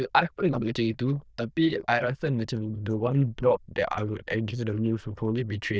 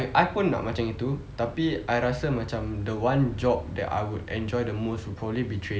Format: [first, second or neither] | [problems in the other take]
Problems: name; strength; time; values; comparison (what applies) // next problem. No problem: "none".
second | noise reduction (neural diffusion model UNIVERSE++)